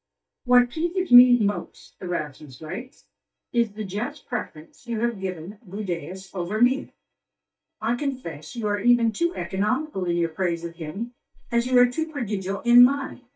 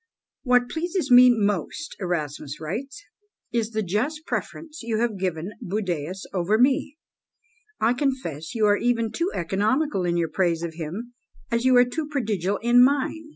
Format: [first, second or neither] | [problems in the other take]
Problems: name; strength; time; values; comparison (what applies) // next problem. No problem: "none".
second | noise reduction (neural mask model DeepFilterNet 3)